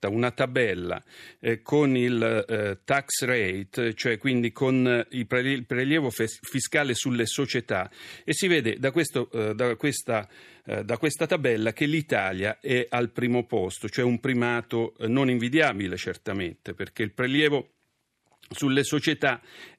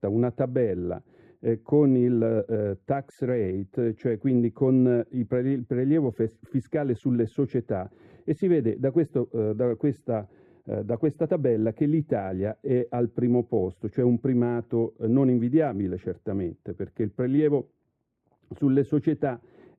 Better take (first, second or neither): first